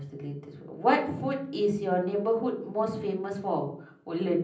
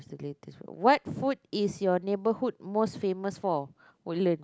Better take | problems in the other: second | room echo; dies away in 0.6 s

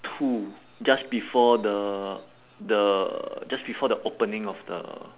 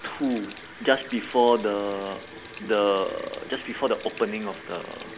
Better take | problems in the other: first | background sound (Sink (filling or washing) / Water tap, faucet); 16 dB below the speech

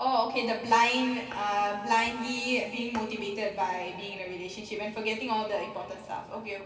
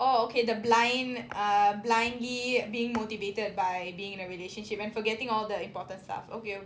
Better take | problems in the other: second | room echo; dies away in 2.5 s

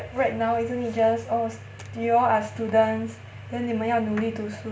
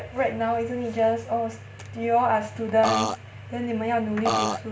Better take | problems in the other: first | background sound (Burping, eructation); 2 dB above the speech

